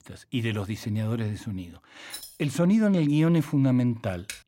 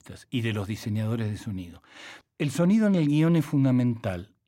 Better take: second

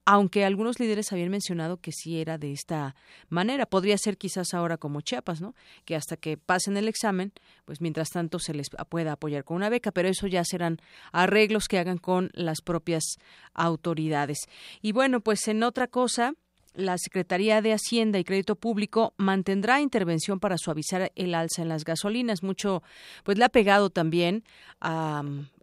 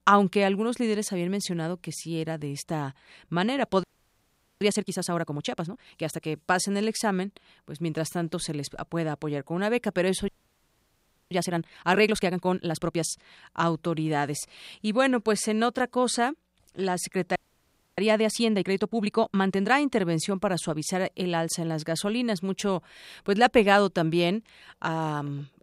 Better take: first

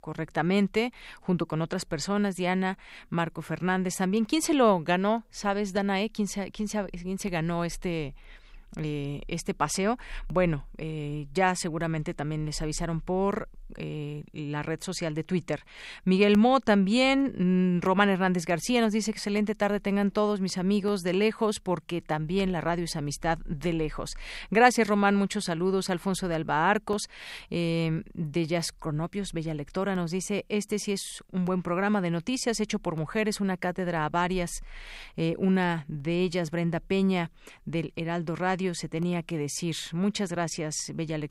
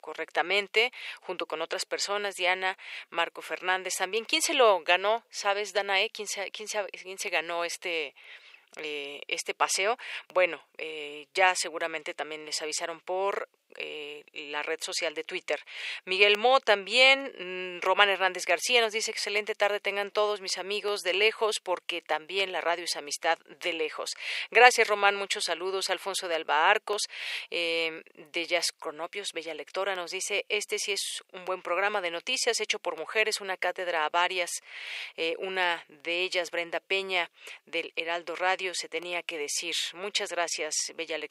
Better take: first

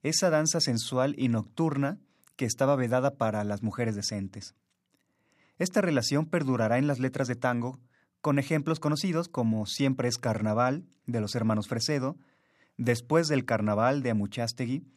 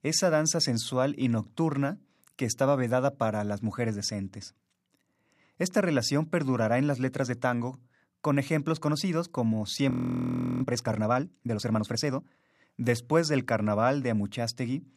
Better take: first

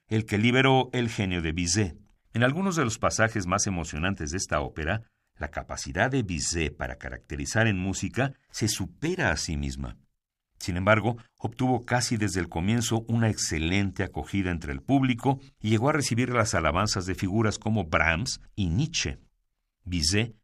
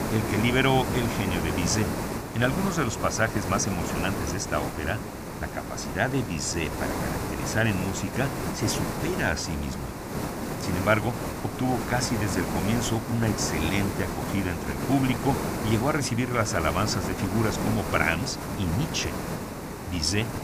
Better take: first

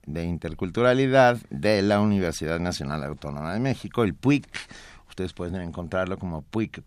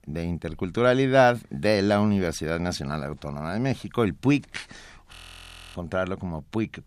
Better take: first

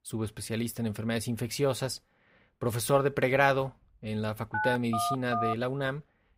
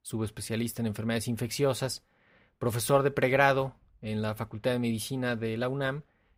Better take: second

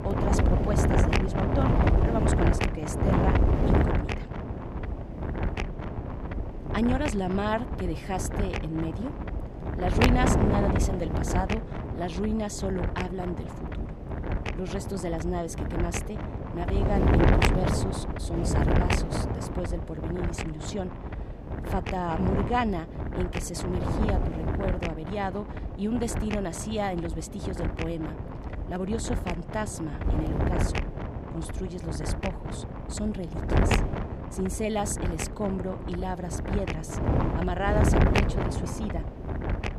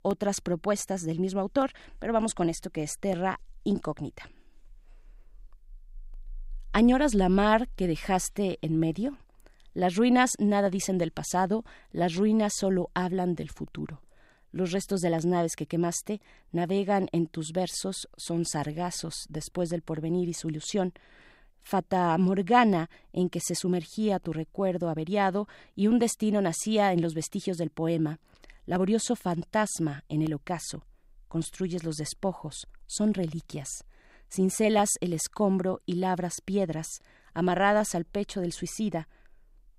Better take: second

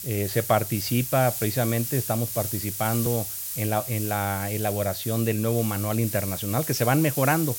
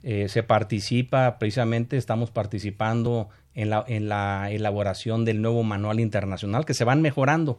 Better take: second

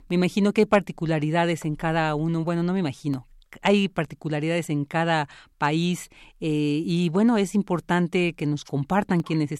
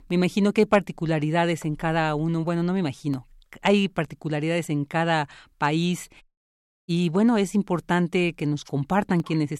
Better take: first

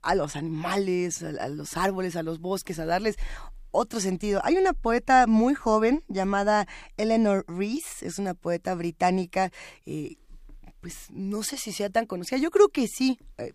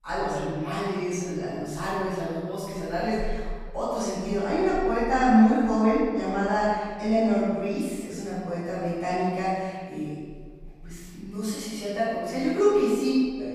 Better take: first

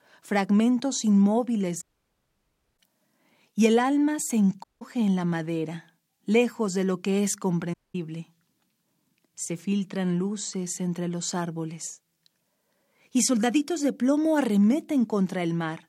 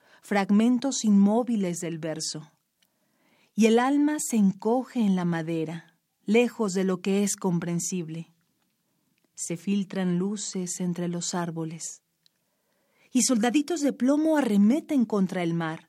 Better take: second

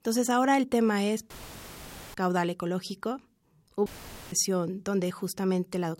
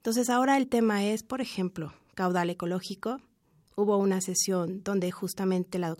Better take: second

